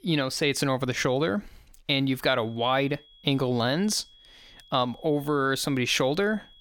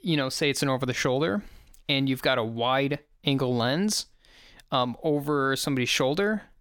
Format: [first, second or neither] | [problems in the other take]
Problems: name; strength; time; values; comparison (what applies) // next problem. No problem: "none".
second | high-pitched whine; faint; from 2.5 s on; 3.5 kHz, 25 dB below the speech